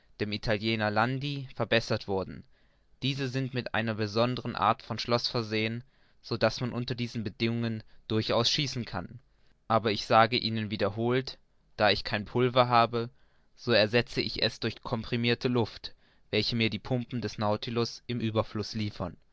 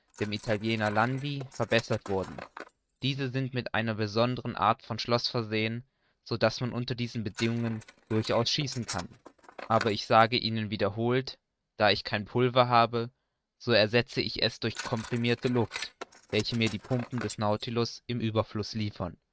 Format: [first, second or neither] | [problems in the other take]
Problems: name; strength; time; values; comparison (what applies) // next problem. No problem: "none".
first | noise reduction (neural mask model RNNoise)